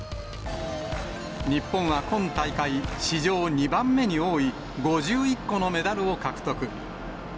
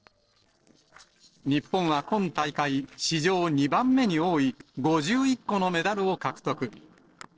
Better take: first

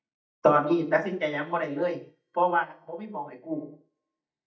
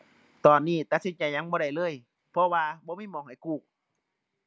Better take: second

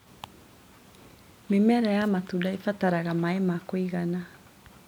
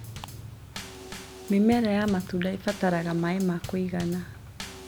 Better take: first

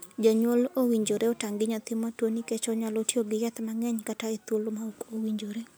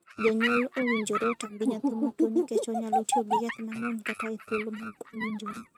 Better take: first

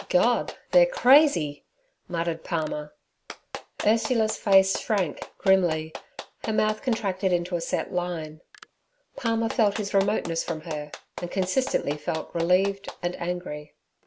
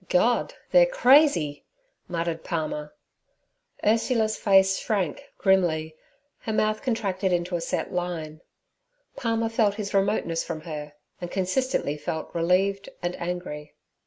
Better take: second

